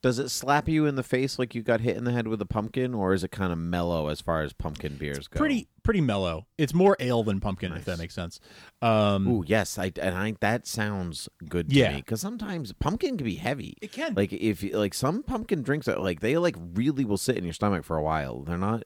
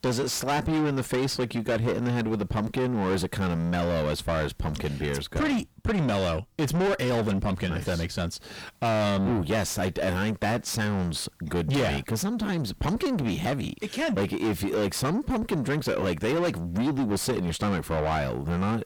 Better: first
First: none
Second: distortion; heavy; 5 dB below the speech

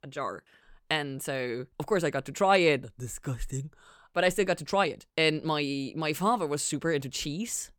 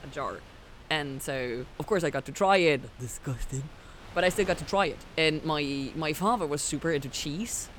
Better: first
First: none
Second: wind noise on the microphone; occasional gusts; 20 dB below the speech

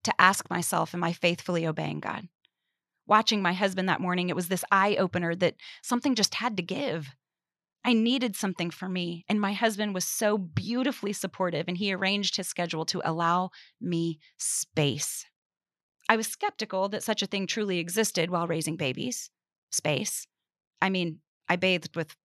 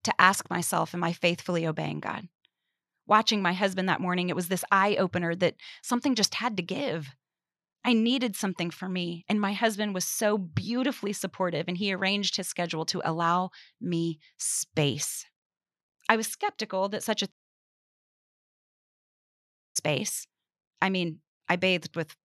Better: first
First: none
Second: audio cutting out; at 17 s for 2.5 s

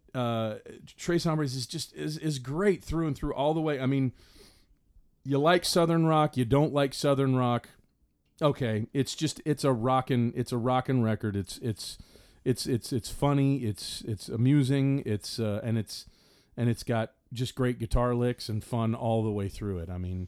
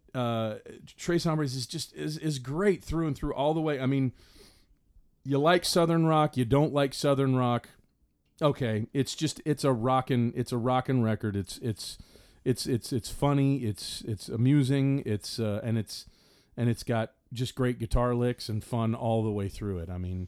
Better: neither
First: none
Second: none

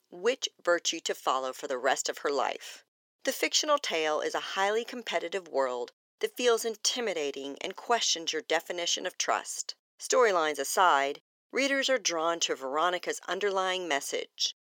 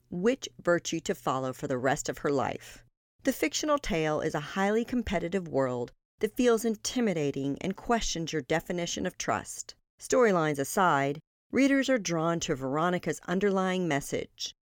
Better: second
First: thin; somewhat; fading below 400 Hz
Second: none

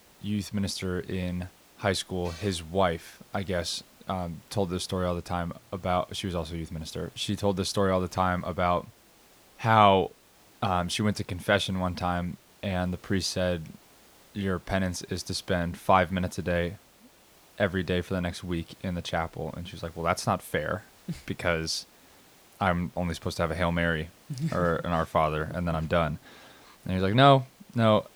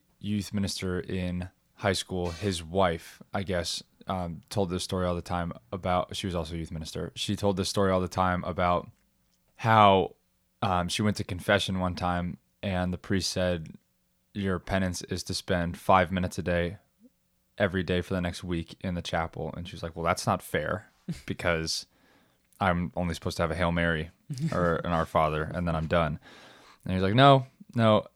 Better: second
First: hiss; faint; throughout; 25 dB below the speech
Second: none

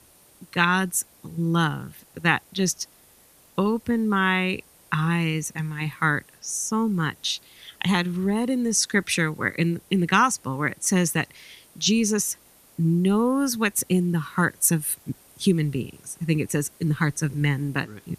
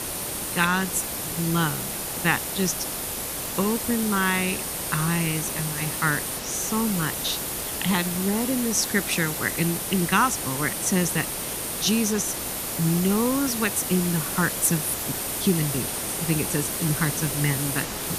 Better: first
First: hiss; faint; throughout; 30 dB below the speech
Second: hiss; loud; throughout; 2 dB below the speech

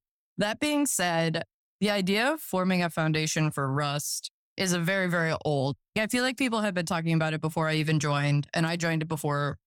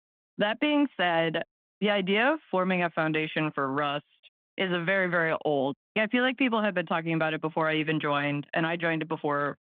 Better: first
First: none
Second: phone-call audio

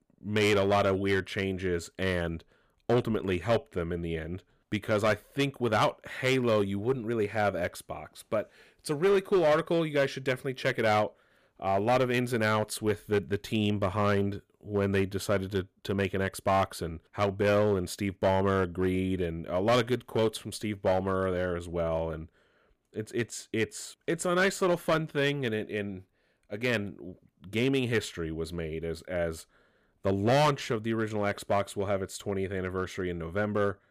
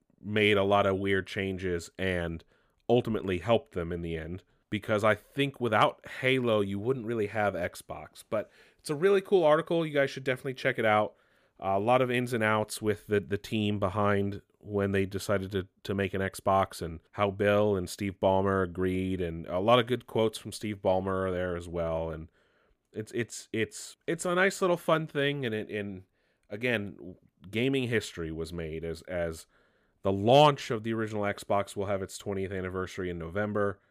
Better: second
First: distortion; slight; 3% of the sound clipped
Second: none

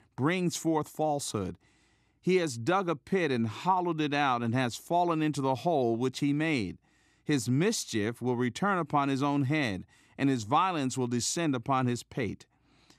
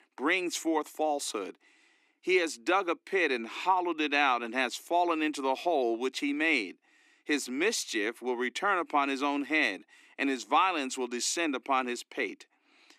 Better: first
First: none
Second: thin; somewhat; fading below 300 Hz

